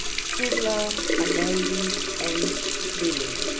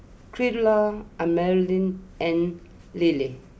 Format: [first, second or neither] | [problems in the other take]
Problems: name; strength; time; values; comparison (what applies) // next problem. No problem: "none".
second | background sound (Water tap, faucet); 4 dB above the speech